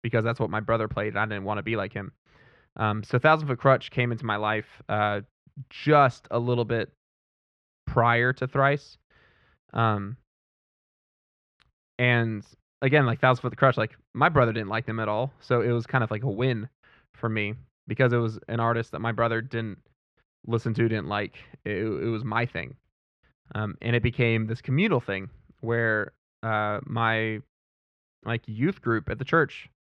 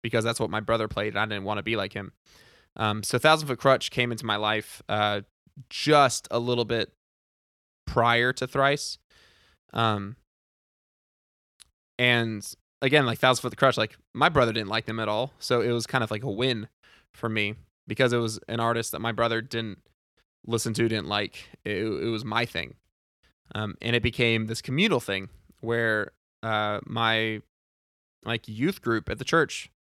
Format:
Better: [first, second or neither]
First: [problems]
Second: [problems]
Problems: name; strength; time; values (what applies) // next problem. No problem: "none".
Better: second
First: muffled; very; fading above 2 kHz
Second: none